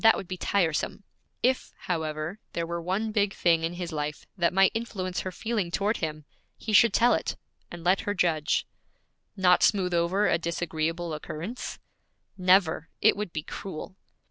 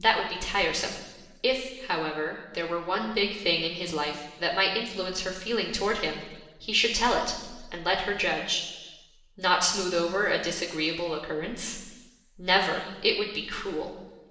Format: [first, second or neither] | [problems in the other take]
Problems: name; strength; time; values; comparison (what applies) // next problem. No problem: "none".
first | room echo; dies away in 1.1 s